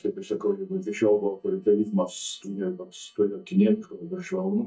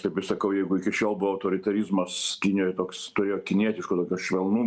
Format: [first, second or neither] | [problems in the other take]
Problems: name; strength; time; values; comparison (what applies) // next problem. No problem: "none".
second | noise reduction (neural mask model DeepFilterNet 3)